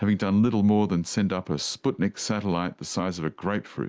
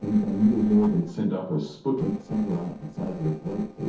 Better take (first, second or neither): first